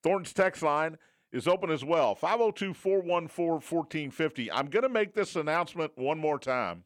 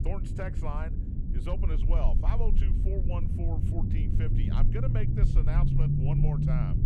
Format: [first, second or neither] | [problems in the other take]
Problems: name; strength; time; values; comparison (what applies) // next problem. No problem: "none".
first | low rumble; loud; throughout; as loud as the speech